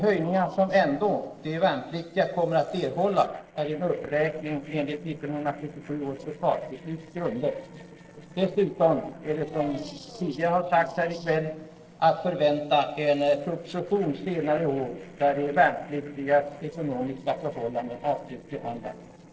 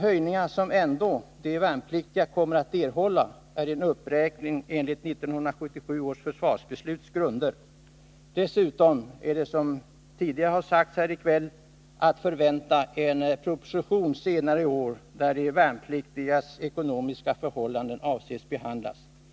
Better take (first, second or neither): second